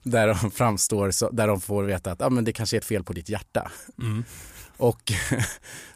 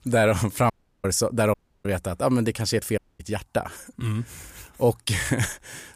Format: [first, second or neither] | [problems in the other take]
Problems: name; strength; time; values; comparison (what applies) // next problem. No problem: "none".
first | audio cutting out; at 0.5 s, at 1.5 s and at 3 s